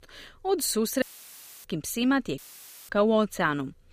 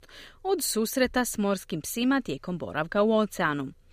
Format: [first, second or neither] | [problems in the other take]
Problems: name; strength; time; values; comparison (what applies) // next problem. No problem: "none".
second | audio cutting out; filled with static; at 1 s for 0.5 s and at 2.5 s for 0.5 s